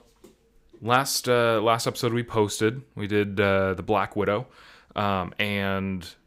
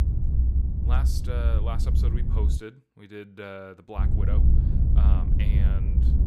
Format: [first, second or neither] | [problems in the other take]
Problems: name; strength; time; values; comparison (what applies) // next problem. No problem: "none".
first | low rumble; loud; until 2.5 s and from 4 s on; 1 dB below the speech